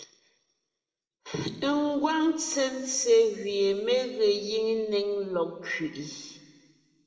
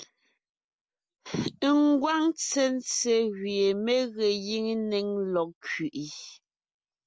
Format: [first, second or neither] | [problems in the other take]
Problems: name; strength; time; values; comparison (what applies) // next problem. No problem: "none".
second | room echo; dies away in 1.8 s